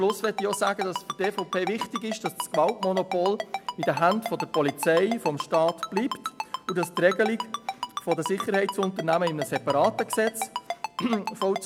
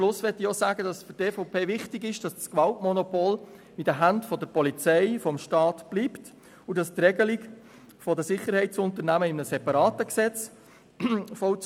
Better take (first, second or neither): second